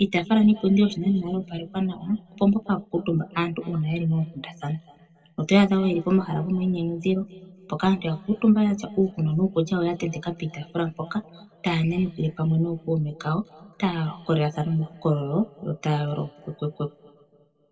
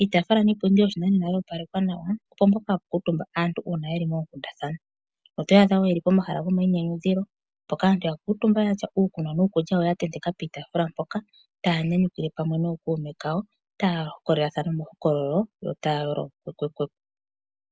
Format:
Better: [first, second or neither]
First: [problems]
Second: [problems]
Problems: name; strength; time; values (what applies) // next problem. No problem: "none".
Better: second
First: room echo; dies away in 1.5 s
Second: none